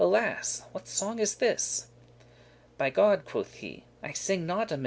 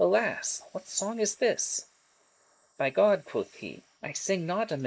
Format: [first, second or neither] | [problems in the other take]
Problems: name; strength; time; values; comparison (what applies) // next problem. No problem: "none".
first | noise reduction (neural mask model Resemble Enhance denoiser)